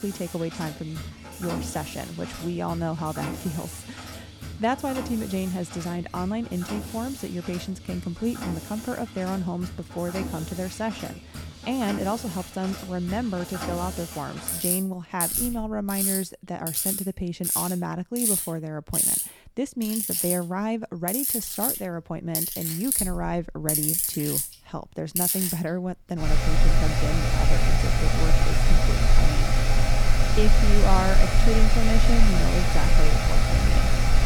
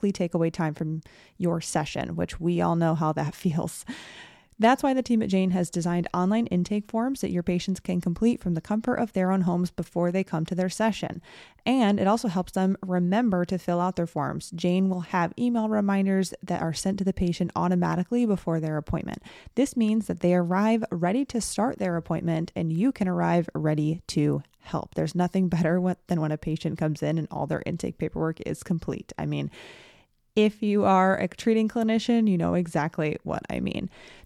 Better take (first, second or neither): second